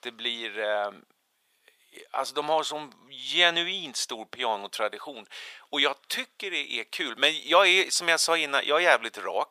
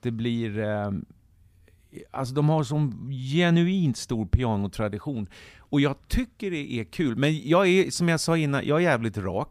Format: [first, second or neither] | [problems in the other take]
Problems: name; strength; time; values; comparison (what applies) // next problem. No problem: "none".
second | thin; very; fading below 600 Hz